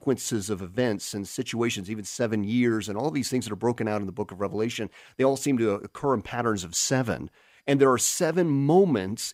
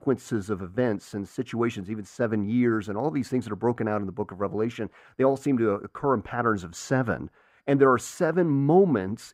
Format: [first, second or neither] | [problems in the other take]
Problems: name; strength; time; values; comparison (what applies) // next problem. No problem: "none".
first | muffled; slightly; fading above 2 kHz